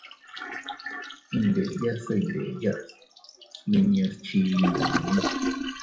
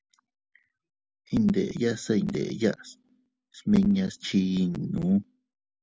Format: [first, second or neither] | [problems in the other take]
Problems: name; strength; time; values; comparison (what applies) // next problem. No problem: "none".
second | noise reduction (classical method WPE with log-MMSE)